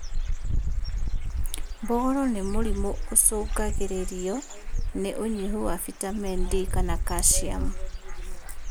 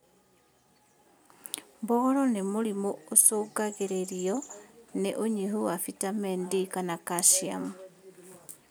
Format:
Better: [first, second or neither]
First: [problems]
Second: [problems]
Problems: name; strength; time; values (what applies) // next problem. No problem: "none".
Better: second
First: background sound (Bird / Dog); 2 dB above the speech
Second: none